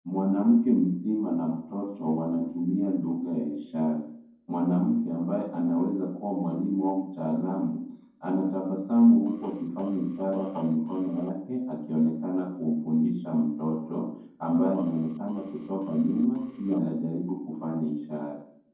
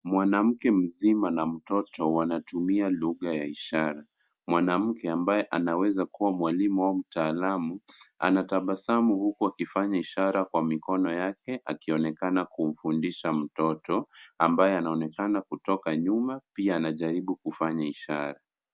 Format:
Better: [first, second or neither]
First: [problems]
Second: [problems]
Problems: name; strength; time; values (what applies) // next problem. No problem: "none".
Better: second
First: noise reduction (neural separator model SepFormer DNS4)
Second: none